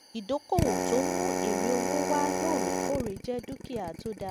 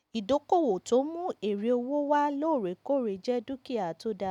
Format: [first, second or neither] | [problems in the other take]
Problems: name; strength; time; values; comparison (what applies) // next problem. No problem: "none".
second | background sound (Drill); 1 dB above the speech